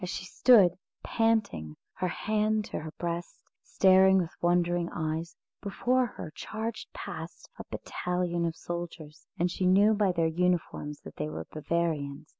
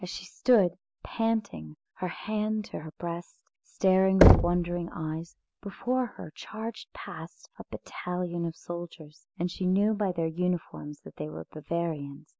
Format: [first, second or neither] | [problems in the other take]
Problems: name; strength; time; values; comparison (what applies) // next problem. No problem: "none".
first | background sound (Knock); 4 dB above the speech